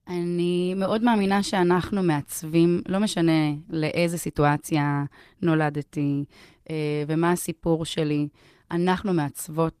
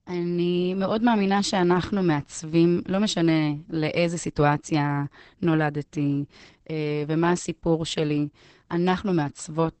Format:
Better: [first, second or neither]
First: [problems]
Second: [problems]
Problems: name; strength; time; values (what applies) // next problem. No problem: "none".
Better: first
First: garbled, watery; slightly; nothing above 14.5 kHz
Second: garbled, watery; badly; nothing above 8 kHz